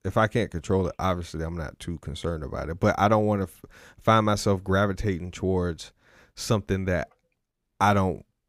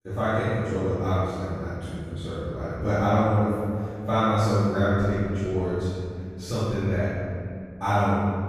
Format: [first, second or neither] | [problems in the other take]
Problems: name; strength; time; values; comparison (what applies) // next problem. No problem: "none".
first | off-mic speech; far // room echo; strong; dies away in 2.4 s